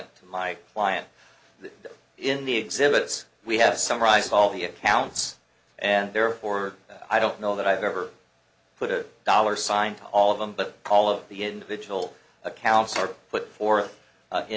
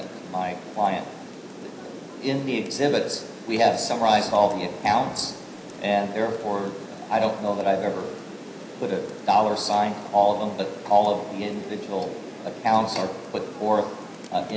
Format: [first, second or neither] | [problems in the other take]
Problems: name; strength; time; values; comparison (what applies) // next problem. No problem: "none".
first | background sound (Rain); 14 dB below the speech // room echo; dies away in 0.9 s